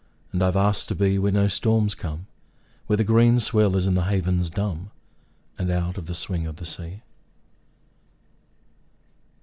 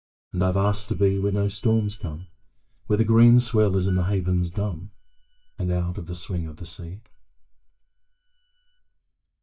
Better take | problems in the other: first | noise reduction (neural mask model DeepFilterNet 3)

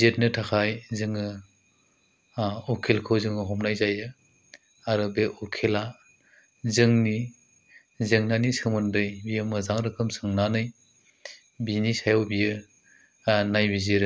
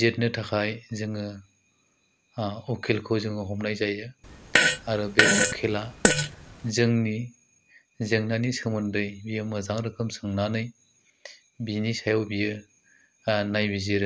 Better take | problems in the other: first | background sound (Fart); 4 dB above the speech

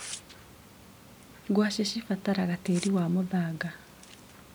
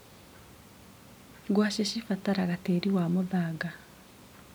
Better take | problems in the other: second | background sound (Tearing); 19 dB below the speech

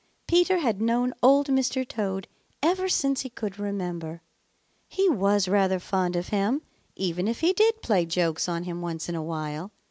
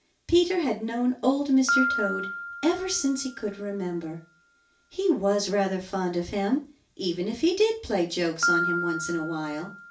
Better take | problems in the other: first | background sound (Piano); 7 dB below the speech // room echo; dies away in 0.3 s

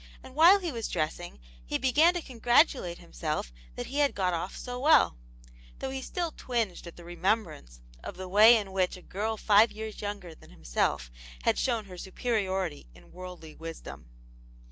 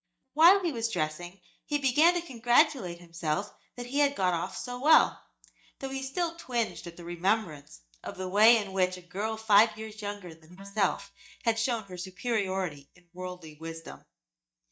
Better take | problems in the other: first | noise reduction (neural mask model DeepFilterNet 3)

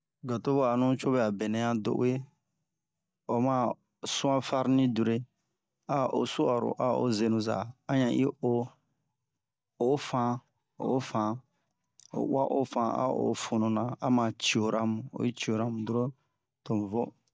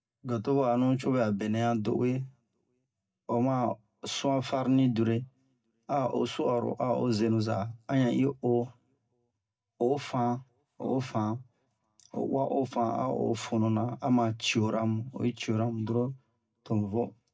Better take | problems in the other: first | room echo; dies away in 0.2 s

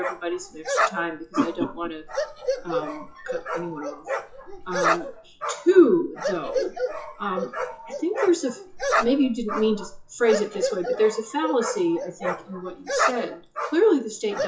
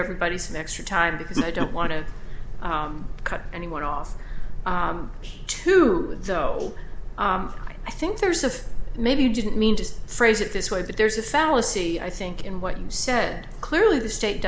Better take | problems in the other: second | noise reduction (classical method WPE with log-MMSE)

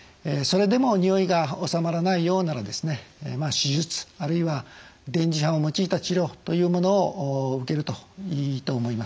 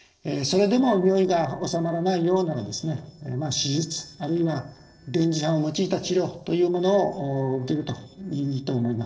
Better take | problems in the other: first | noise reduction (neural separator model SepFormer DNS4)

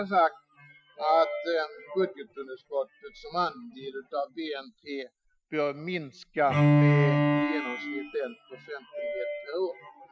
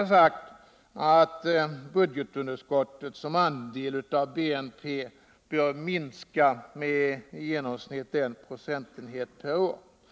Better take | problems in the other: second | noise reduction (classical method Wiener filter)

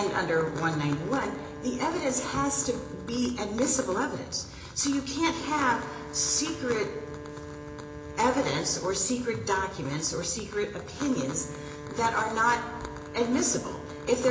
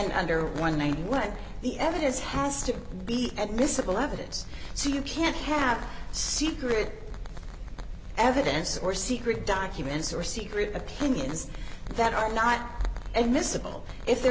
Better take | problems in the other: second | background sound (Wind instrument, woodwind instrument); 14 dB below the speech // room echo; dies away in 0.8 s

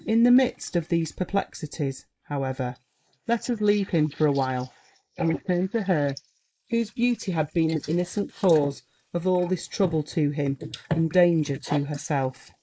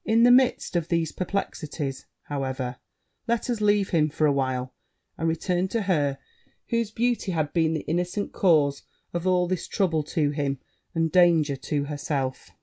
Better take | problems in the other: second | noise reduction (neural mask model Resemble Enhance denoiser)

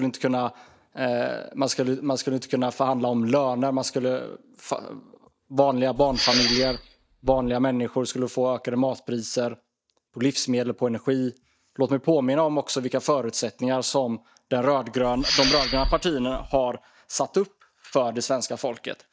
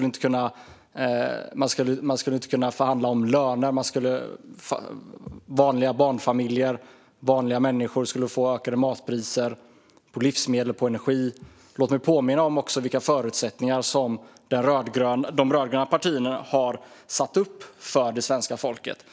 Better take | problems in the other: second | noise reduction (neural mask model DeepFilterNet 3)

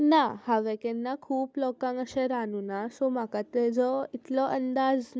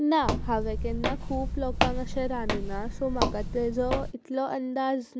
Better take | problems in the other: first | background sound (Walk, footsteps); as loud as the speech

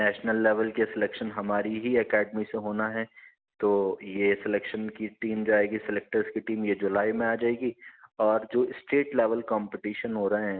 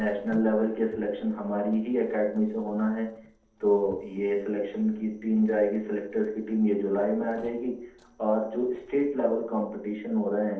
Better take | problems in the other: first | noise reduction (neural separator model SepFormer DNS4)

